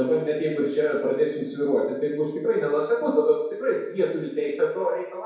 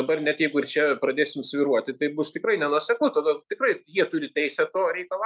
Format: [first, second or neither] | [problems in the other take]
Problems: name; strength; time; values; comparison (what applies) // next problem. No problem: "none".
second | room echo; dies away in 0.9 s